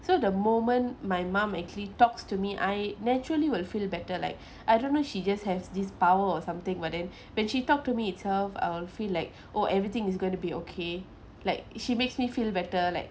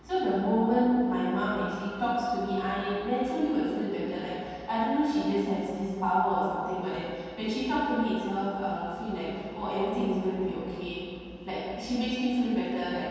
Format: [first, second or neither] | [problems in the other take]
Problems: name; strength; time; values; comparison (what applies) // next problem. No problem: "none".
first | room echo; dies away in 2.1 s